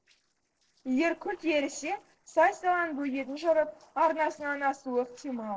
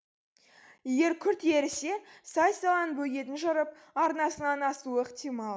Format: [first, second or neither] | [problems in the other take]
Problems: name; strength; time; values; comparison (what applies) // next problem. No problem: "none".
second | noise reduction (neural separator model SepFormer DNS4)